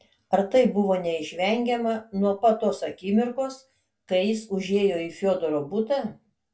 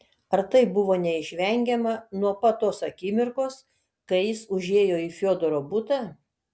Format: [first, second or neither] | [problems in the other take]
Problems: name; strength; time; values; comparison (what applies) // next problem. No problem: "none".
second | room echo; dies away in 0.2 s